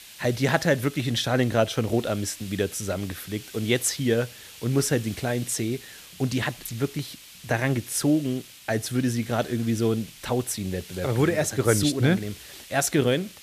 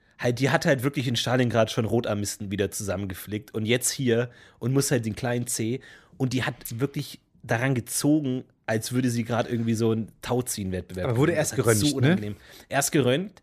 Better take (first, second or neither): second